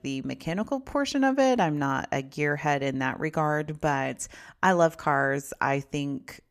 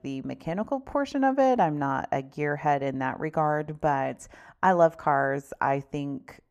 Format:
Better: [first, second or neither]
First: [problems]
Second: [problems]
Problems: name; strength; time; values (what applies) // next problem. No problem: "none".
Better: first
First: none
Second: muffled; slightly; fading above 2 kHz